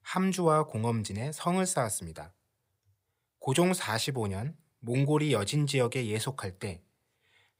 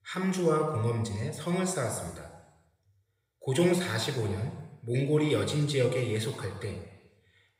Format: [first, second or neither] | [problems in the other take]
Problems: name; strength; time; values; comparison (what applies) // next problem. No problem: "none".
first | room echo; noticeable; dies away in 1 s // off-mic speech; somewhat distant